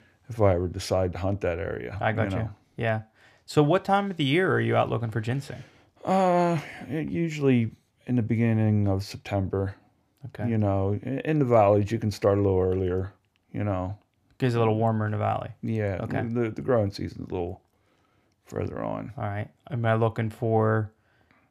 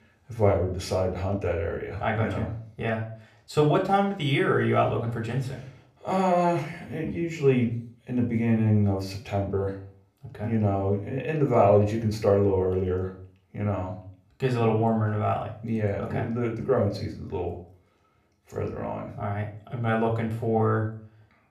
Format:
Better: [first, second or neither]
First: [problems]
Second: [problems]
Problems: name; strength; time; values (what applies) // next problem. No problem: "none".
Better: first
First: none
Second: room echo; slight; dies away in 0.4 s // off-mic speech; somewhat distant